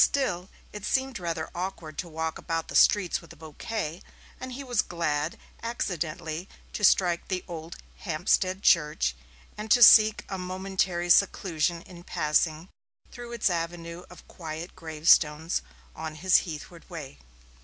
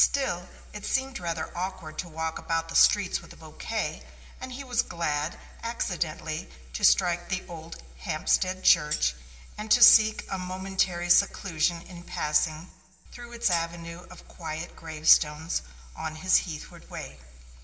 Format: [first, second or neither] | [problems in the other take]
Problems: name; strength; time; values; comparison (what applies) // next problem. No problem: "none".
first | background sound (Tambourine); 10 dB below the speech // room echo; dies away in 2.4 s